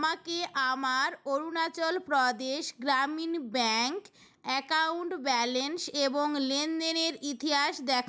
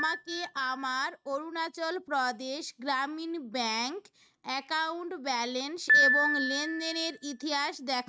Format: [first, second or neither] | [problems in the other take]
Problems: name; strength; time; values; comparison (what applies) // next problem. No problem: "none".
first | noise reduction (neural mask model RNNoise)